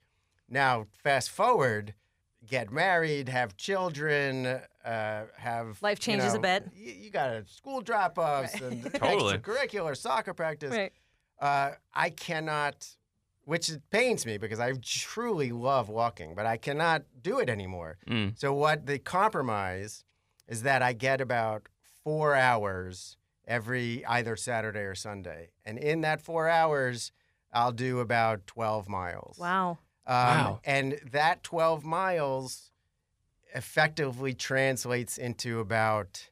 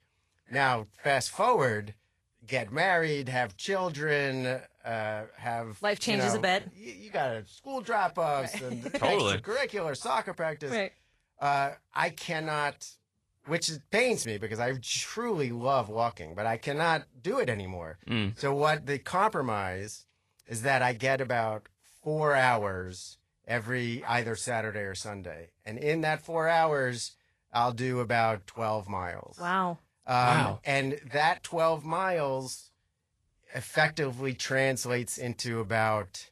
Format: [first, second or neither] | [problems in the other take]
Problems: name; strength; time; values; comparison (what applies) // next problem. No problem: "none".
first | garbled, watery; slightly; nothing above 11.5 kHz